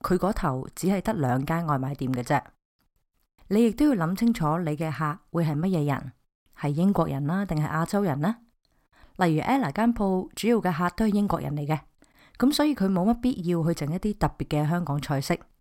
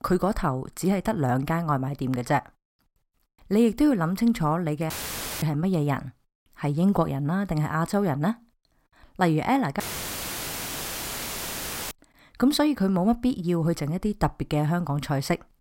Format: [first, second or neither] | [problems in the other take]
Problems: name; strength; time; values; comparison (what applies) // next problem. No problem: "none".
first | audio cutting out; filled with static; at 5 s for 0.5 s and at 10 s for 2 s